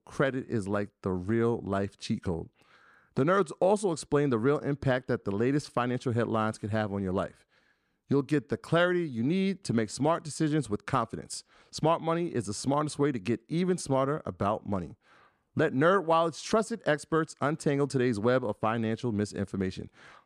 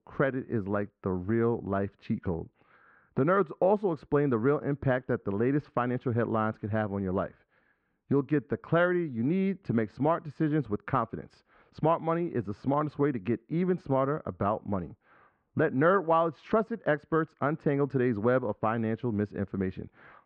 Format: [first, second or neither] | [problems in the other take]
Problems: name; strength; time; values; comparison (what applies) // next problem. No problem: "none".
first | muffled; very; fading above 2 kHz